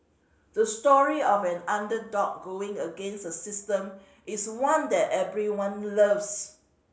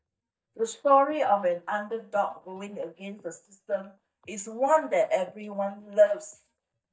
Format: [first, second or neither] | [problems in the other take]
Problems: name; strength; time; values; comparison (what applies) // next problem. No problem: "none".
first | noise reduction (neural mask model DeepFilterNet 3)